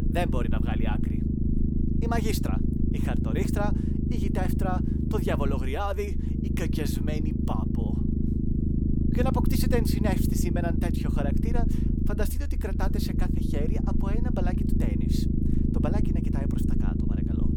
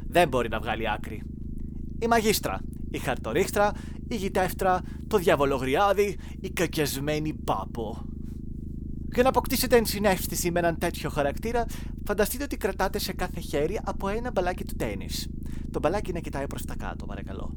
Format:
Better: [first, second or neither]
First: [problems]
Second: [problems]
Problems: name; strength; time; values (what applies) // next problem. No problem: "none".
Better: second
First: low rumble; loud; throughout; 1 dB below the speech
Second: low rumble; faint; throughout; 20 dB below the speech